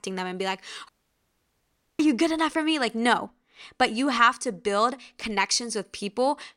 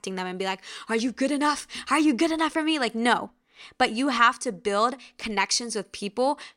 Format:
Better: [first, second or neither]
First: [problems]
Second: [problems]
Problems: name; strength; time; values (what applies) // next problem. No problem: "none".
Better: second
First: audio cutting out; at 1 s for 1 s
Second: none